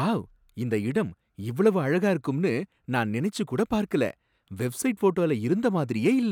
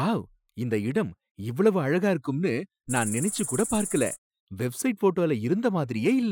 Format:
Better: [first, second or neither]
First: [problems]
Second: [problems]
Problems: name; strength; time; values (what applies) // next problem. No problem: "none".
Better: first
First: none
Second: noise reduction (classical method Wiener filter)